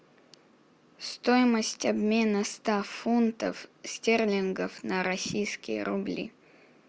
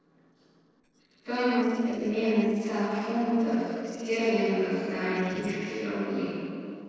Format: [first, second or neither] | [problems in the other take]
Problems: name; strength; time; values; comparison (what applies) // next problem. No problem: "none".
first | noise reduction (neural separator model SepFormer DNS4)